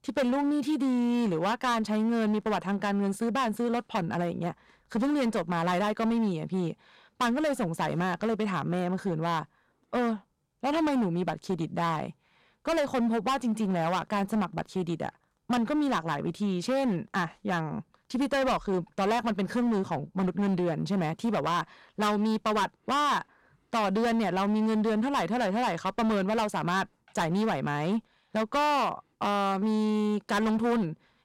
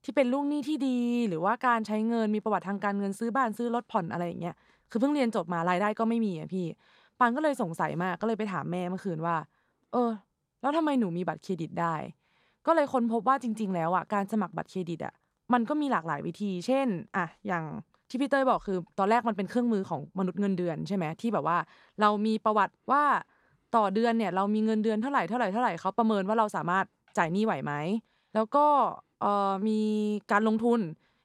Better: second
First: distortion; heavy; 18% of the sound clipped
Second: none

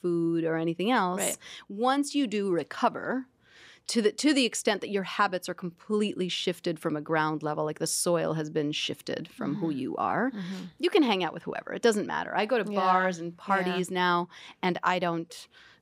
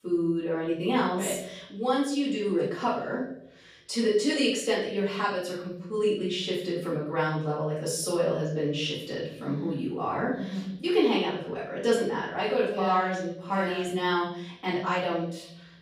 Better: first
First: none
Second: room echo; noticeable; dies away in 0.7 s // off-mic speech; far

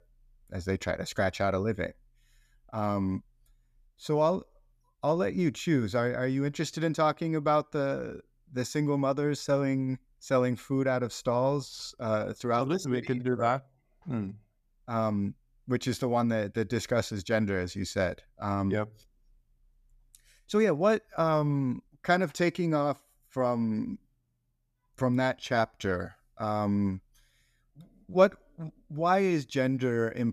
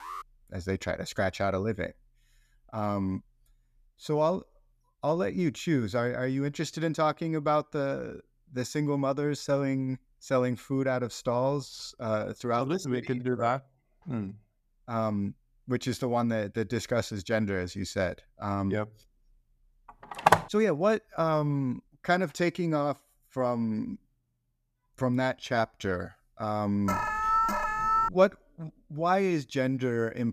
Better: first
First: none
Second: alarm; faint; at the start; peak 10 dB below the speech // phone ringing; loud; at 20 s; peak 6 dB above the speech // alarm; loud; from 27 to 28 s; peak 5 dB above the speech

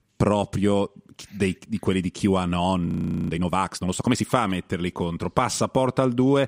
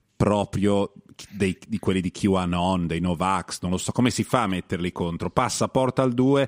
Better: second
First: audio freezing; at 3 s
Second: none

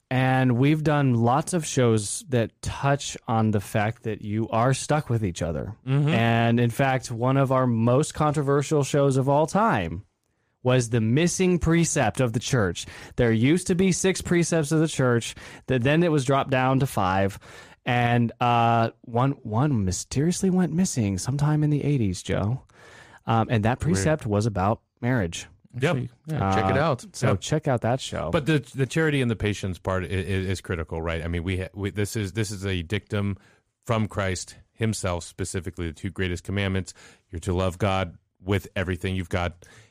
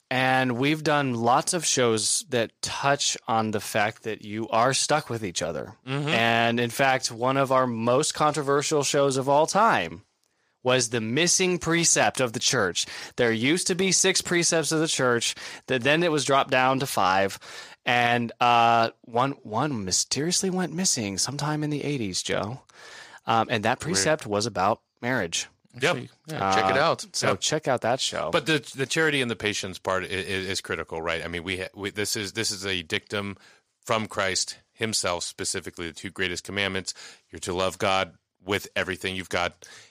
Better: first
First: none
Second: thin; somewhat; fading below 1 kHz

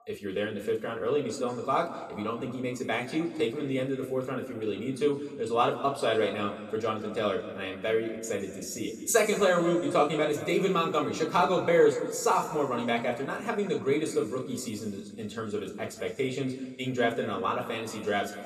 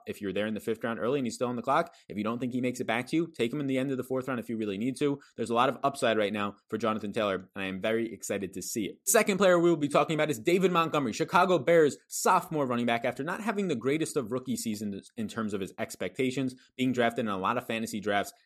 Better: second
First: room echo; slight; dies away in 1.7 s // off-mic speech; somewhat distant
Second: none

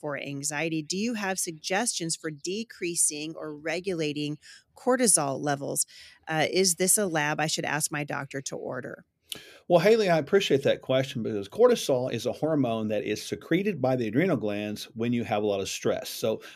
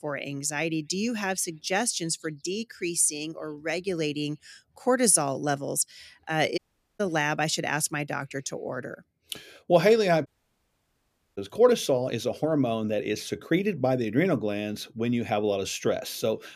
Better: first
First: none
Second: audio cutting out; at 6.5 s and at 10 s for 1 s

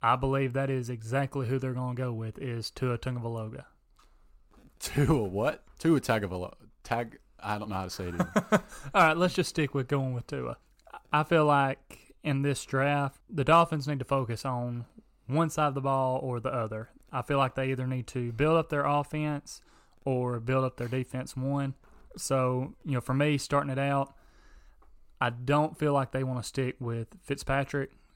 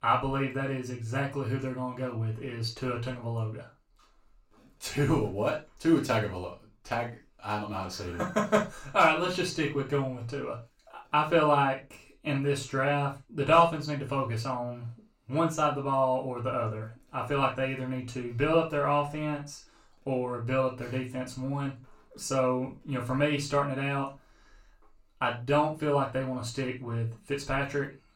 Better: first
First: none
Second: room echo; slight; dies away in 0.2 s // off-mic speech; far

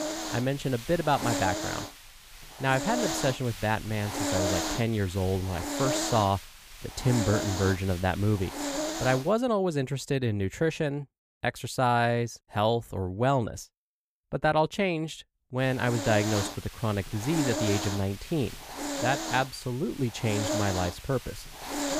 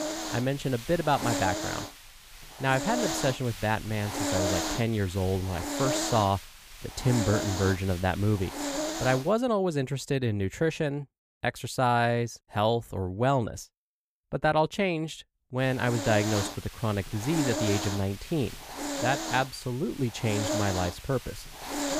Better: neither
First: hiss; loud; until 9.5 s and from 16 s on; 5 dB below the speech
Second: hiss; loud; until 9.5 s and from 16 s on; 5 dB below the speech

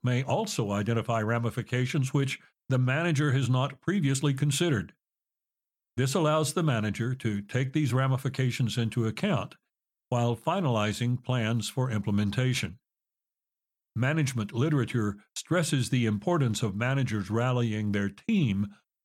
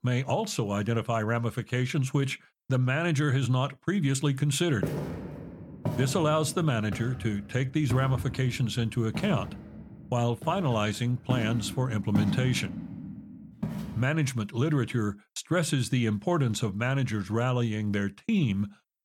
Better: first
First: none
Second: footsteps; noticeable; from 5 to 14 s; peak 2 dB below the speech

